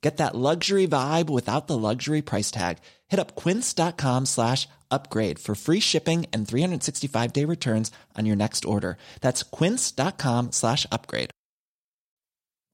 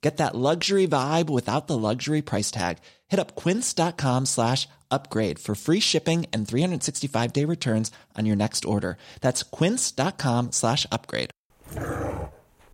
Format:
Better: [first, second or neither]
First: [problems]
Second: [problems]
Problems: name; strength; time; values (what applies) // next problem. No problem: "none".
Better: first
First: none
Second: dog barking; noticeable; at 12 s; peak 5 dB below the speech